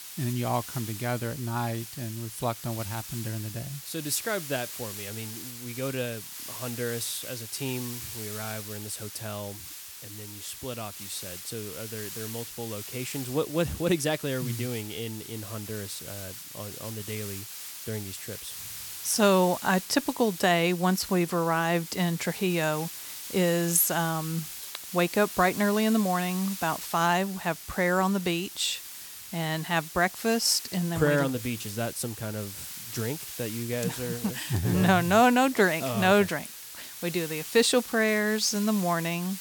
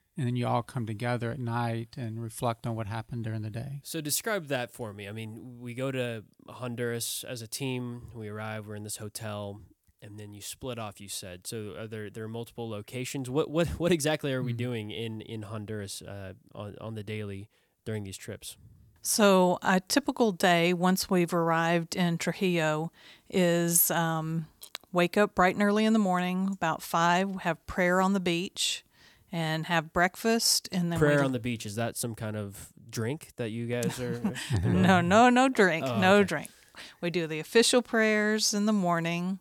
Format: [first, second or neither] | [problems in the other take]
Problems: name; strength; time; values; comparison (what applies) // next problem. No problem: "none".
second | hiss; loud; throughout; 10 dB below the speech